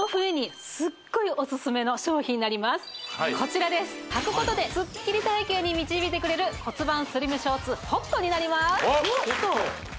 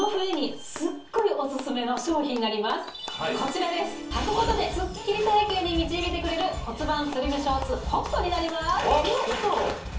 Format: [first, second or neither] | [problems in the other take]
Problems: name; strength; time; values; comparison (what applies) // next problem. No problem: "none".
first | background sound (Clapping); 19 dB below the speech // room echo; dies away in 0.4 s